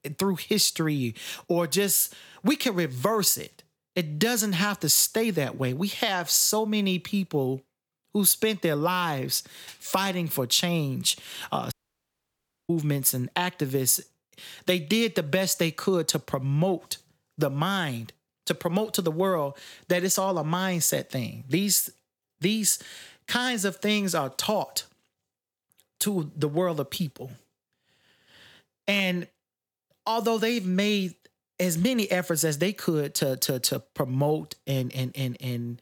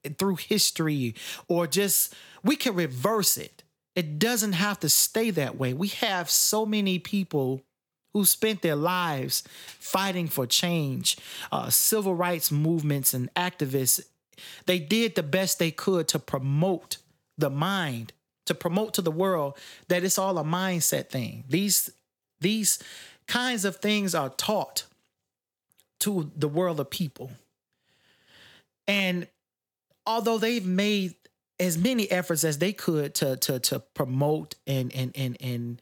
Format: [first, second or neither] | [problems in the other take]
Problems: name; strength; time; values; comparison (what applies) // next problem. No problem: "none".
second | audio cutting out; at 12 s for 1 s